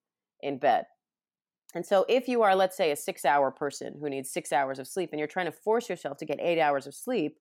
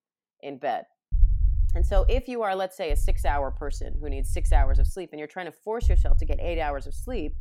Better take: first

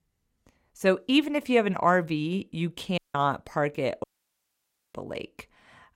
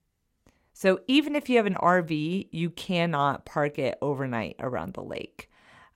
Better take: second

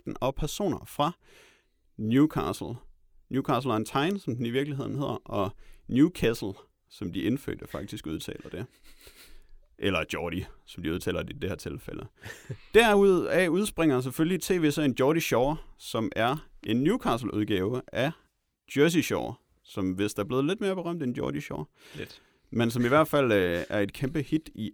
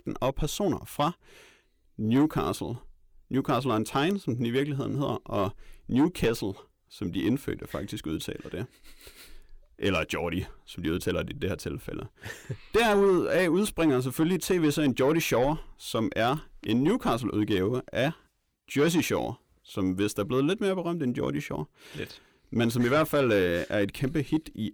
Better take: first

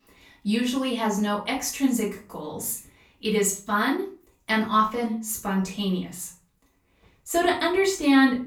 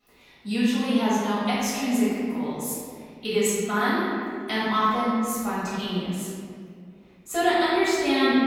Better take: first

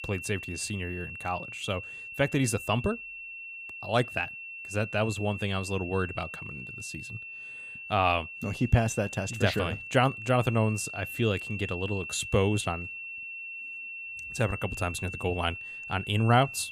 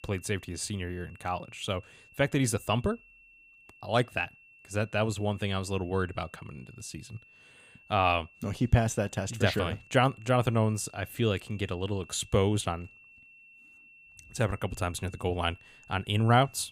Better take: second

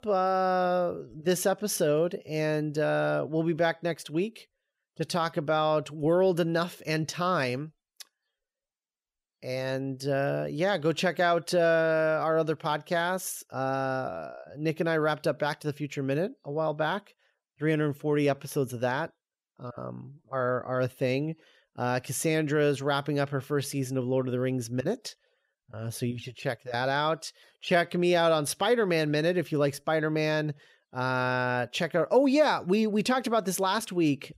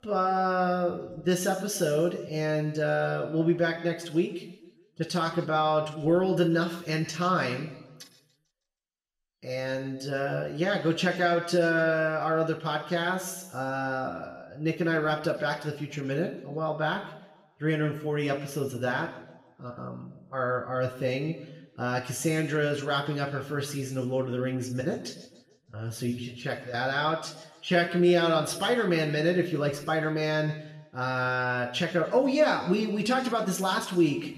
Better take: first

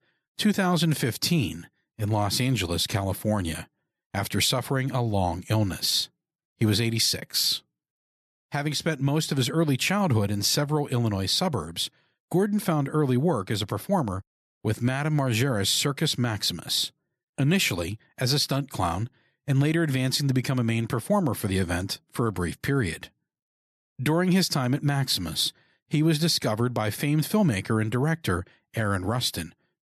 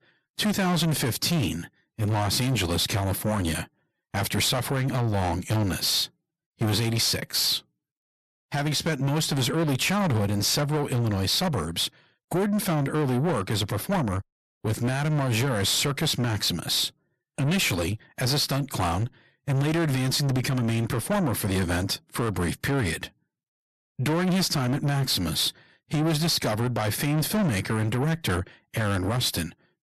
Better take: first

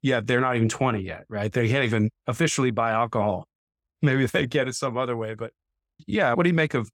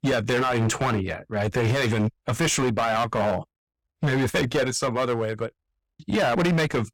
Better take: first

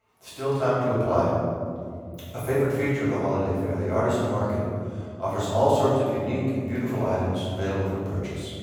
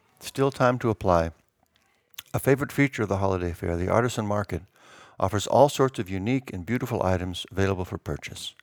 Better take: second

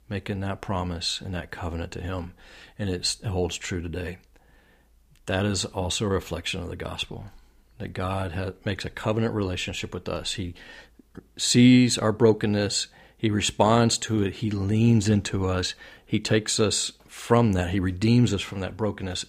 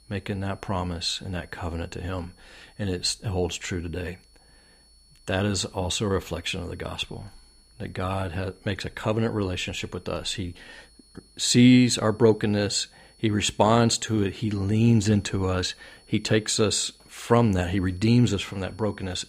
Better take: first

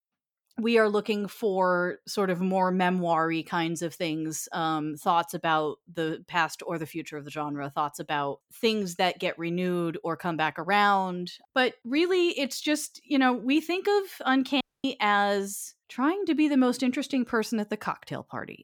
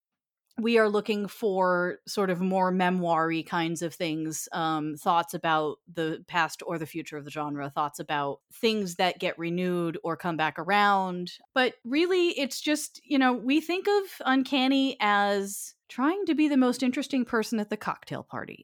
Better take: second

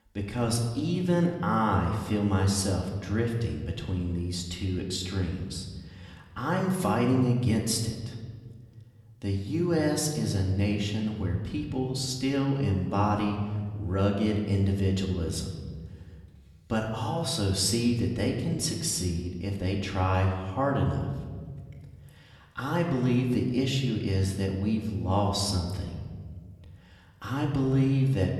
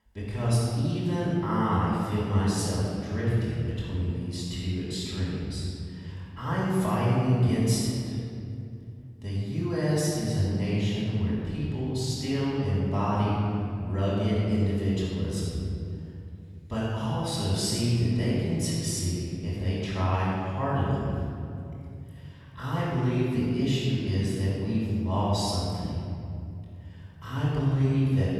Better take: first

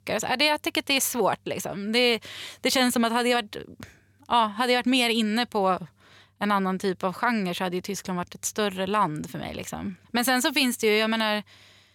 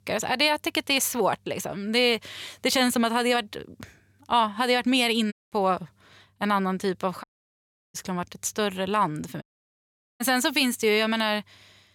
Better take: first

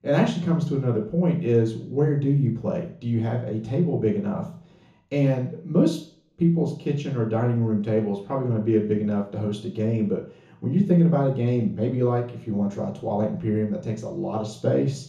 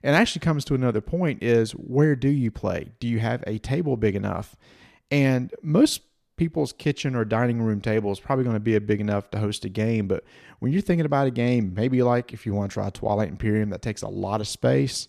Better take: second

